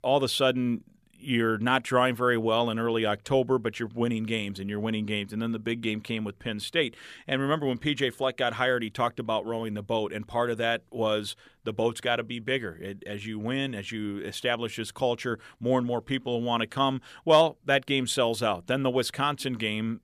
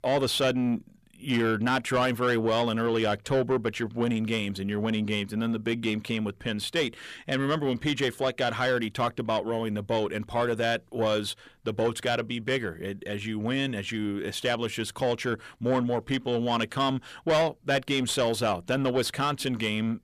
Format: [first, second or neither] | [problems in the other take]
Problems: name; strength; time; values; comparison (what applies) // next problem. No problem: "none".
first | distortion; slight; 10 dB below the speech